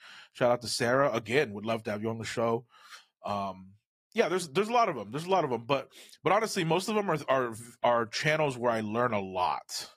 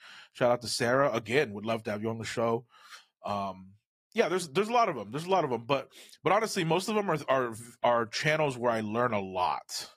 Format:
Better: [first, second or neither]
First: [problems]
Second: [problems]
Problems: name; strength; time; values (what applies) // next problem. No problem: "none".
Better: neither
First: garbled, watery; slightly; nothing above 14.5 kHz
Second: garbled, watery; slightly; nothing above 14.5 kHz